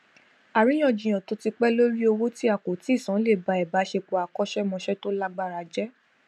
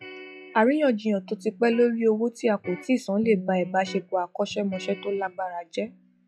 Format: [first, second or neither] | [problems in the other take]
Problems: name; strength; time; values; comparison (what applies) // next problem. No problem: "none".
first | noise reduction (classical method log-MMSE)